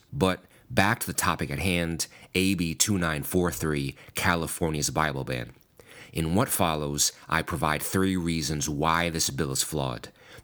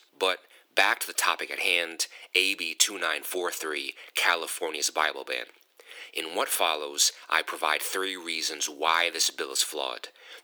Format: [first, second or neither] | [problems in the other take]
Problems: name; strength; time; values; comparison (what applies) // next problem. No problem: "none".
first | thin; very; fading below 400 Hz